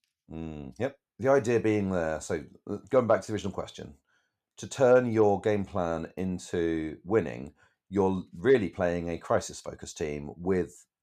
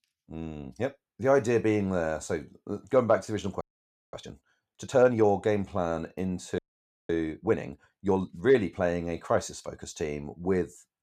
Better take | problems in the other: first | audio freezing; at 3.5 s for 0.5 s and at 6.5 s for 0.5 s

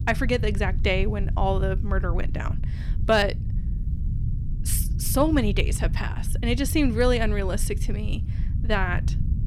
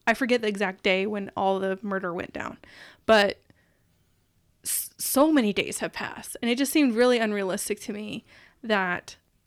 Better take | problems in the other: second | low rumble; noticeable; throughout; 15 dB below the speech

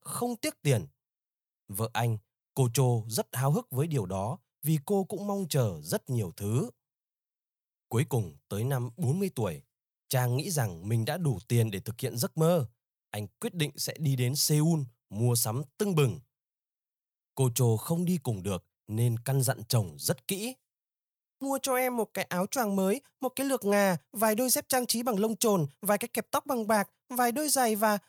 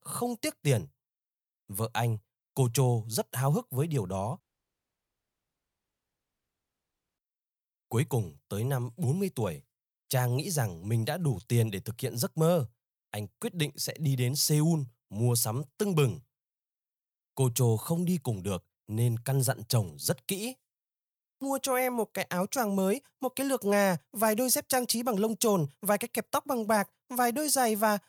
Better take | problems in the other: first | audio cutting out; at 4.5 s for 3 s

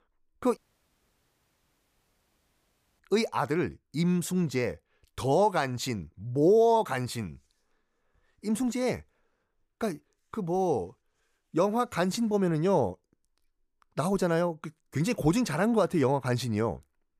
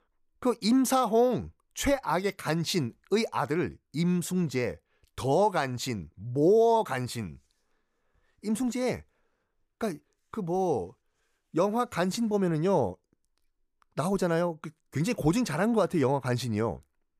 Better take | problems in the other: second | audio cutting out; at 0.5 s for 2.5 s

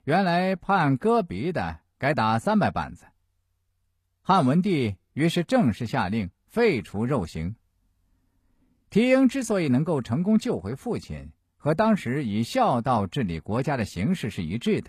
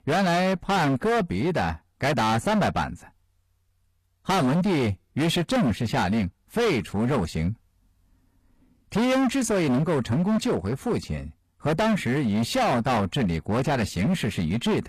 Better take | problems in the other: first | distortion; heavy; 22% of the sound clipped

